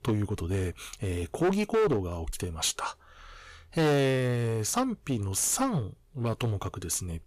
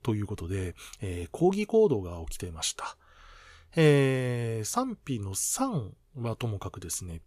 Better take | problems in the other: second | distortion; heavy; 10% of the sound clipped

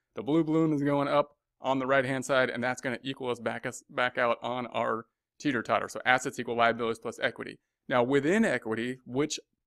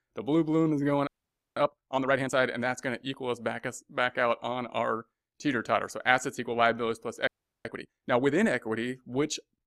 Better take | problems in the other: first | audio freezing; at 1 s and at 7.5 s

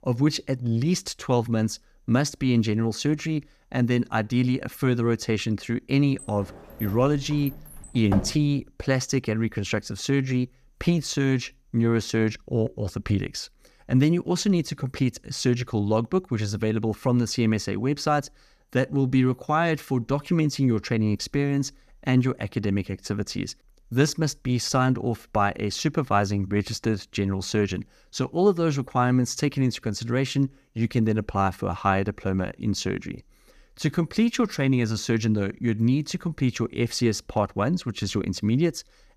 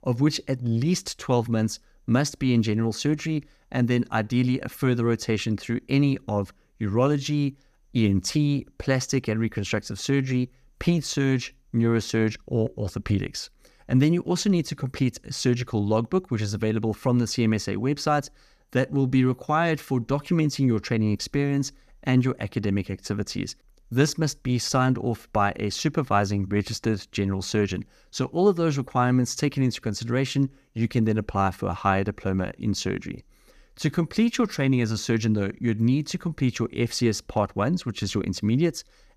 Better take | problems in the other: second | door banging; noticeable; from 6 to 8.5 s; peak 5 dB below the speech

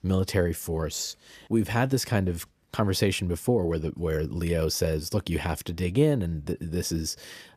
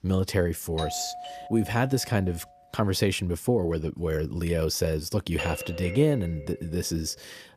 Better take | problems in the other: first | doorbell; noticeable; from 1 to 2.5 s and from 5.5 to 6.5 s; peak 6 dB below the speech

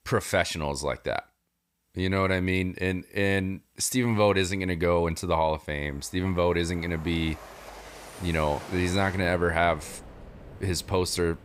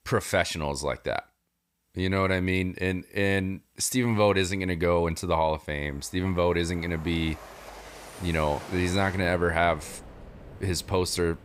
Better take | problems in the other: neither | train or aircraft noise; noticeable; from 6 s on; 15 dB below the speech; the same in both

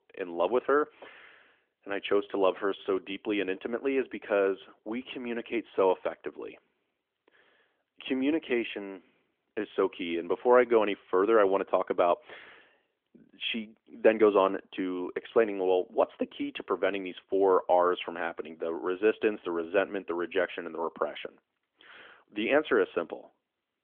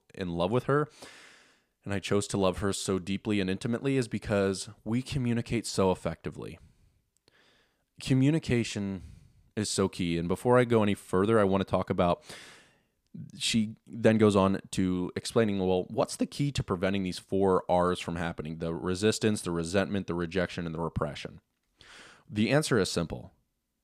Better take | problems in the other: second | phone-call audio; nothing above 3.5 kHz

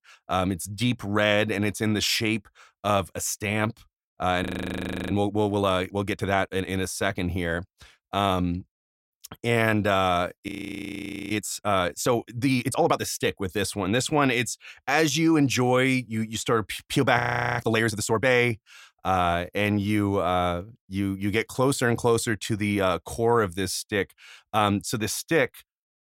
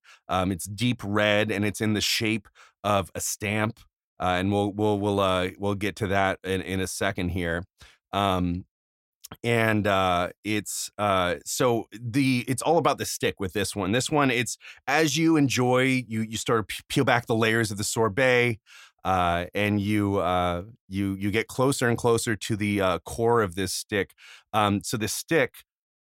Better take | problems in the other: second | audio freezing; at 4.5 s for 0.5 s, at 10 s for 1 s and at 17 s

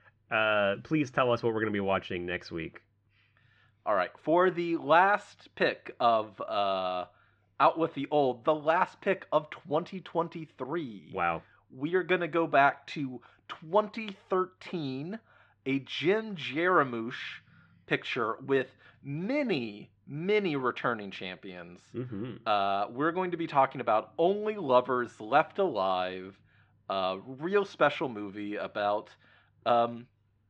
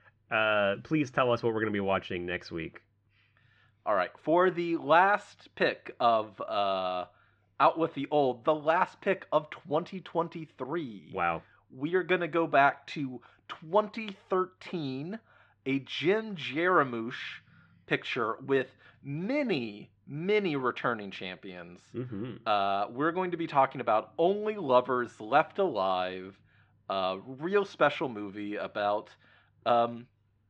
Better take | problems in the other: neither | muffled; slightly; fading above 3.5 kHz; the same in both

